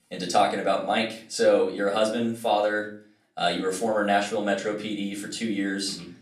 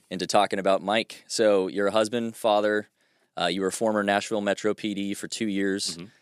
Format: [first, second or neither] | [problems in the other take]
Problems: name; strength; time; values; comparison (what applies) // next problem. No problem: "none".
second | off-mic speech; far // room echo; slight; dies away in 0.4 s